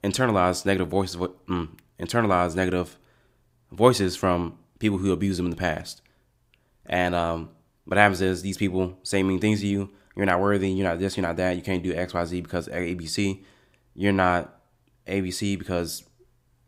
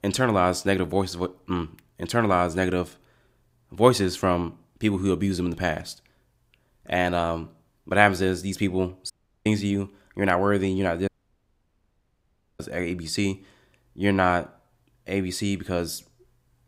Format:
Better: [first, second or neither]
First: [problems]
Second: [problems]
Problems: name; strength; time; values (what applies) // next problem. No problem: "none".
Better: first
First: none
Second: audio cutting out; at 9 s and at 11 s for 1.5 s